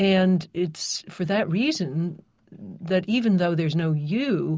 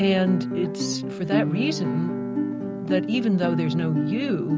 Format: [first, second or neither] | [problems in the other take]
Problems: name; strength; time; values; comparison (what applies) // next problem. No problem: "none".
first | background sound (Guitar); 2 dB below the speech